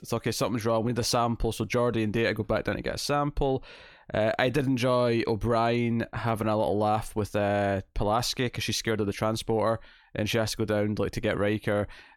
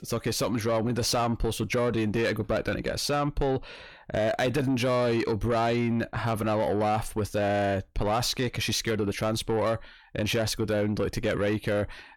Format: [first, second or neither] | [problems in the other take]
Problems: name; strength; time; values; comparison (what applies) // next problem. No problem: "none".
first | distortion; slight; 10 dB below the speech